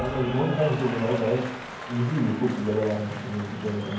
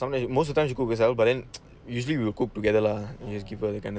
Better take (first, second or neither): second